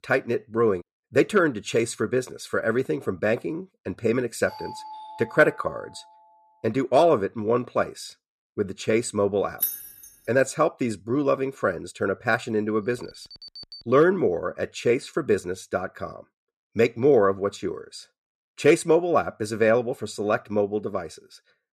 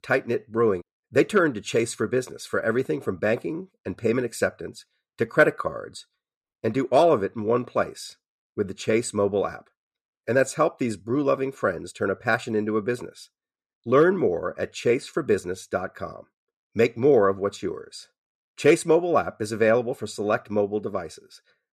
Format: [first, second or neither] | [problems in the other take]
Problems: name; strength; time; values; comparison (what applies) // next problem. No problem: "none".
second | doorbell; faint; from 4.5 to 6.5 s; peak 15 dB below the speech // jangling keys; noticeable; at 9.5 s; peak 2 dB below the speech // alarm; faint; from 13 to 14 s; peak 15 dB below the speech